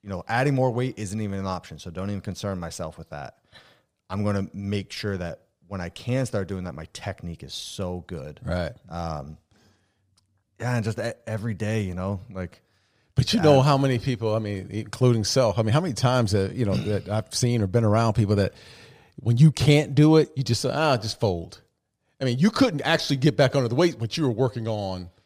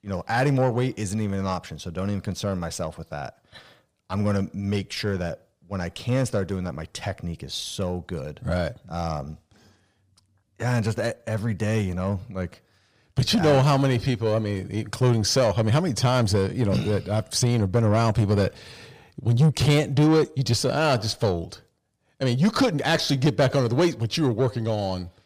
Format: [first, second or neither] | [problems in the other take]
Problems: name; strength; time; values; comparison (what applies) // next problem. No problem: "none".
first | distortion; slight; 10 dB below the speech